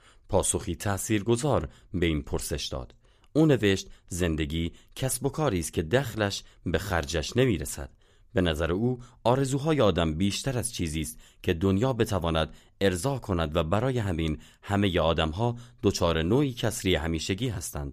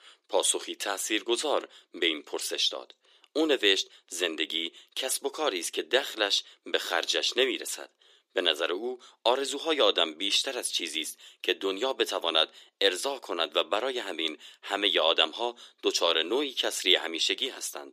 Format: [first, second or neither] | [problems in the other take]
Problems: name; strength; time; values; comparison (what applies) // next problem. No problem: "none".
first | thin; very; fading below 350 Hz